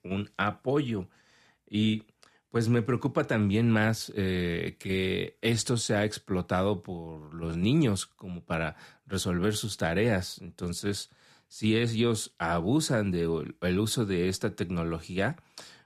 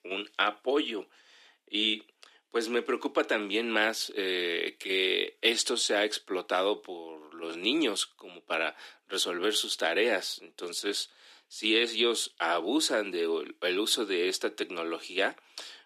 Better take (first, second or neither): first